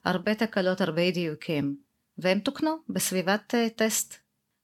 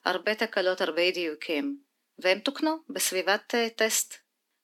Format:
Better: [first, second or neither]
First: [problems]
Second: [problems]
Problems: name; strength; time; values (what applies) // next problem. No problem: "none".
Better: first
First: none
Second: thin; somewhat; fading below 250 Hz